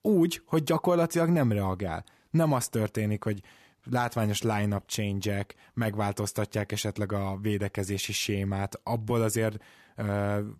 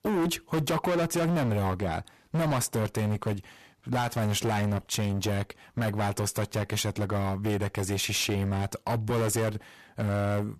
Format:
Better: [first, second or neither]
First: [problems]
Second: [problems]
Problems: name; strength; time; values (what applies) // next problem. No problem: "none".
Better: first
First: none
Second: distortion; heavy; 20% of the sound clipped